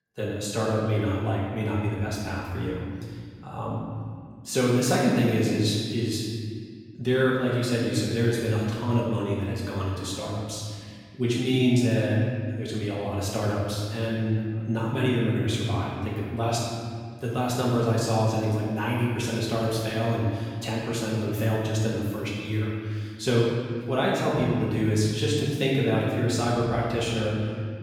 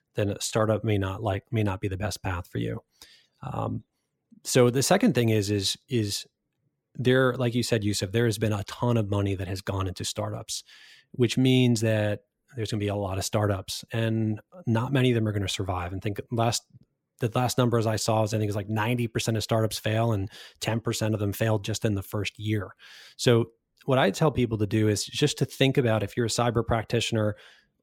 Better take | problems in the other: second | room echo; strong; dies away in 2 s // off-mic speech; far

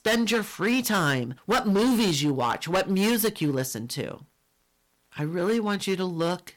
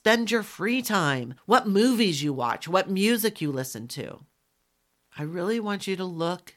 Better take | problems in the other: second | distortion; heavy; 10% of the sound clipped

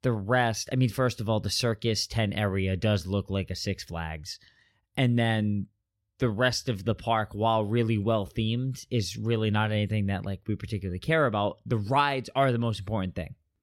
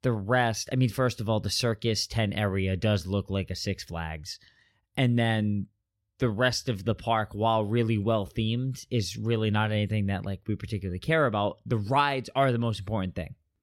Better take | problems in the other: neither | none

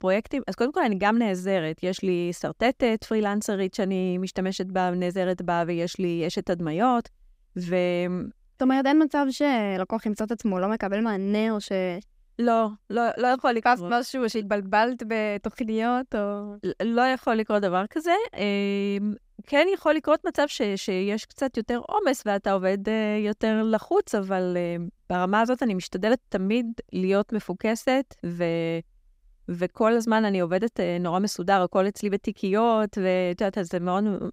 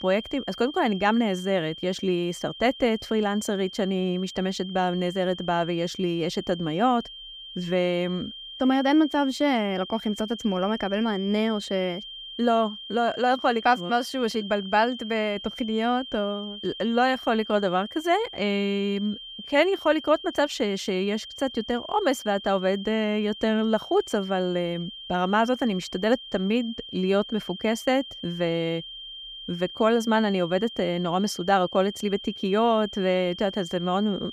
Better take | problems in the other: first | high-pitched whine; noticeable; throughout; 3 kHz, 10 dB below the speech

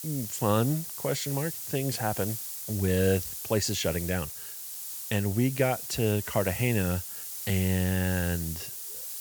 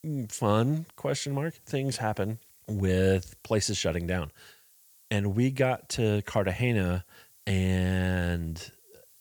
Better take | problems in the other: second | hiss; loud; throughout; 6 dB below the speech; faint in the second

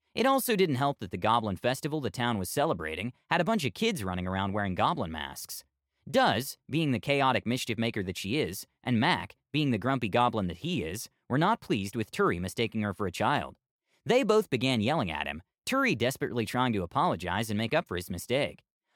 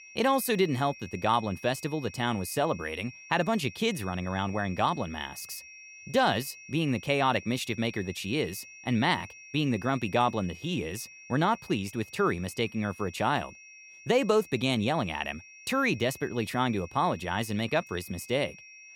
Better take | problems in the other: first | high-pitched whine; noticeable; throughout; 2.5 kHz, 20 dB below the speech

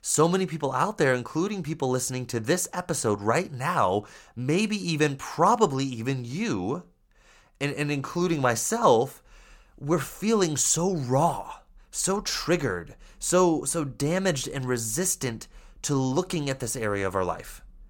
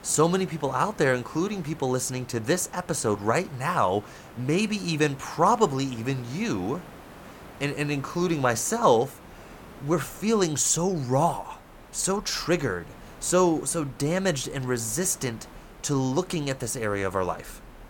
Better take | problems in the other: first | hiss; faint; throughout; 20 dB below the speech

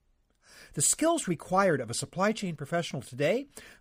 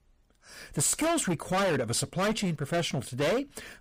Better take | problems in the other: first | distortion; heavy; 18% of the sound clipped

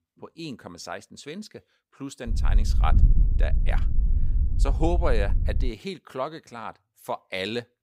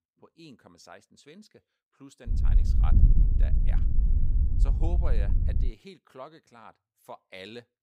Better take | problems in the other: first | wind noise on the microphone; heavy; from 2.5 to 5.5 s; as loud as the speech; occasional gusts in the first

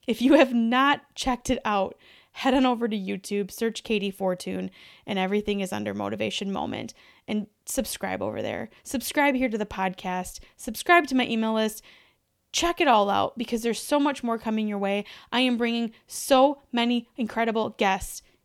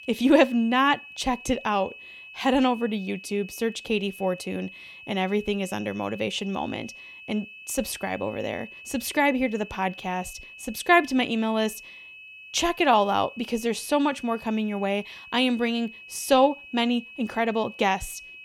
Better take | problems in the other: first | high-pitched whine; noticeable; throughout; 2.5 kHz, 15 dB below the speech

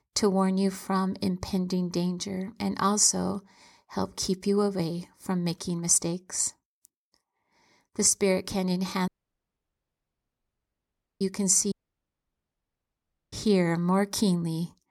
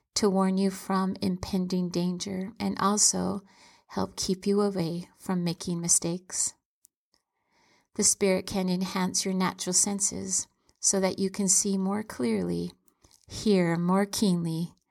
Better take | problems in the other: second | audio cutting out; at 9 s for 2 s and at 12 s for 1.5 s

